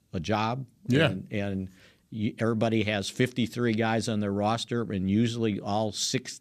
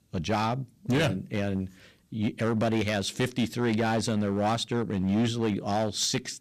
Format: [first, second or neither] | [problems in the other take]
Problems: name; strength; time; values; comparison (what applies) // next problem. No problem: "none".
first | distortion; slight; 8% of the sound clipped